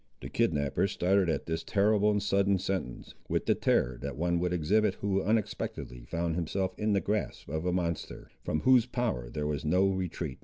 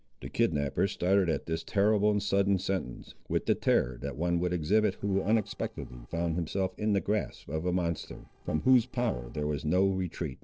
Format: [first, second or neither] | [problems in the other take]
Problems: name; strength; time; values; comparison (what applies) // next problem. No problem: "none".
first | noise reduction (neural separator model SepFormer DNS4)